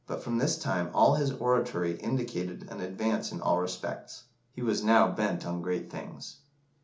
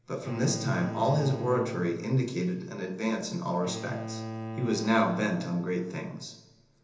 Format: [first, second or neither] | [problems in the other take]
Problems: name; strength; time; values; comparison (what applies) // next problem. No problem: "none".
first | background sound (Bowed string instrument); 10 dB below the speech // room echo; dies away in 1 s